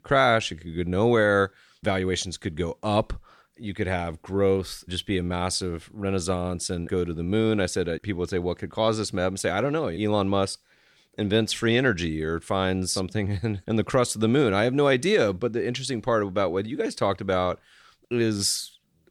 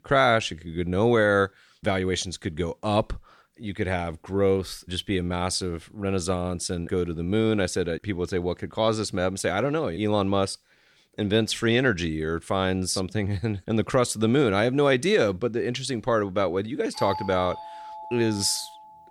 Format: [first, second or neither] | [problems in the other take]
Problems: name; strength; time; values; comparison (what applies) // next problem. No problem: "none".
first | doorbell; noticeable; from 17 s on; peak 7 dB below the speech